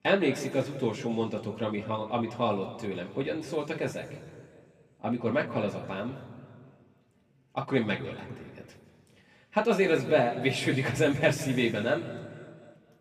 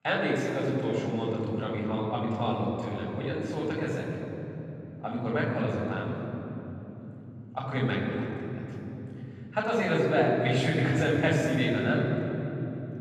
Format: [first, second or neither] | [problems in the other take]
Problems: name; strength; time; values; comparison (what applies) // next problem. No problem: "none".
first | room echo; strong; dies away in 3 s; slight in the first // off-mic speech; far; somewhat distant in the first